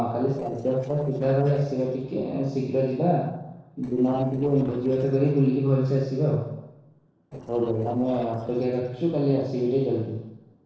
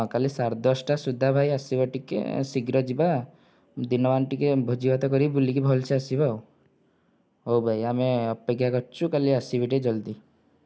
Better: second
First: noise reduction (neural separator model SepFormer DNS4)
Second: none

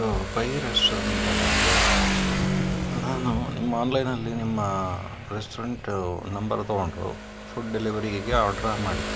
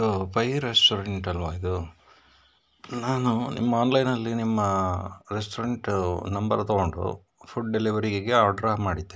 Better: second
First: background sound (Motorcycle); as loud as the speech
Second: none

